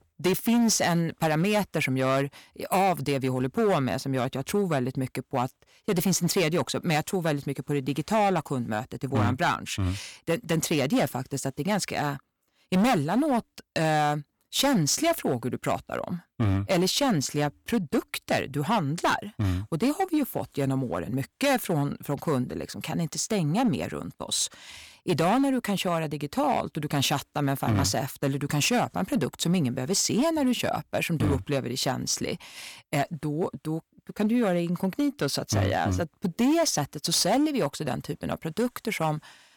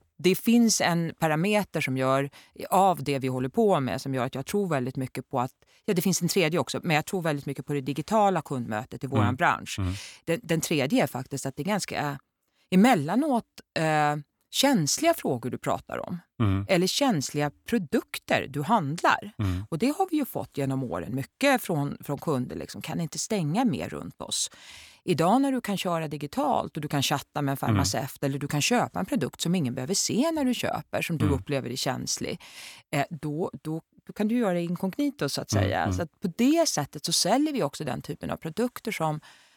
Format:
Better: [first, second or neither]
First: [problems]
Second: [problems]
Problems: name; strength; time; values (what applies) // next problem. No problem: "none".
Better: second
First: distortion; slight; 7% of the sound clipped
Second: none